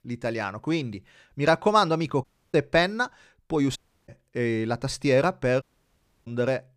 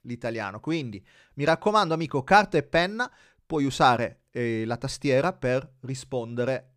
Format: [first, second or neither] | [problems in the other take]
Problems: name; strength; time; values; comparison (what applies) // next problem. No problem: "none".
second | audio cutting out; at 2 s, at 4 s and at 5.5 s for 0.5 s